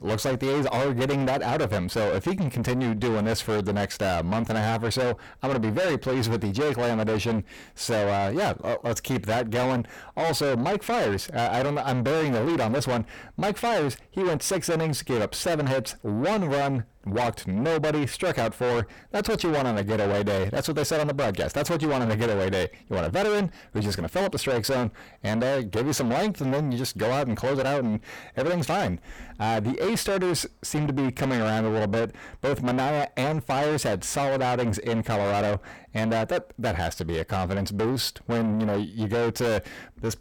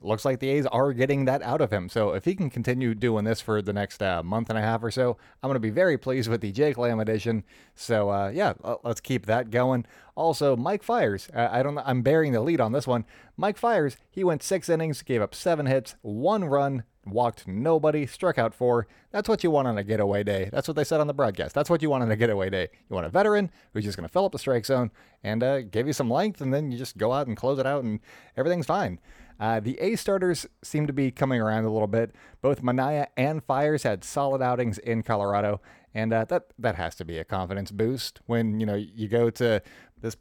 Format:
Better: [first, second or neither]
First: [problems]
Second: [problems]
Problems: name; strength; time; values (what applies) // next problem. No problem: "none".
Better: second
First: distortion; heavy; 6 dB below the speech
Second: none